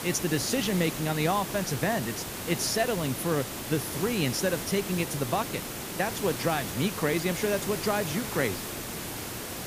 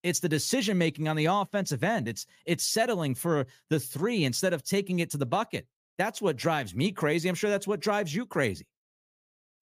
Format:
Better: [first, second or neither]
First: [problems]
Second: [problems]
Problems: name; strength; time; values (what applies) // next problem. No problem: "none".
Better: second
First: hiss; loud; throughout; 5 dB below the speech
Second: none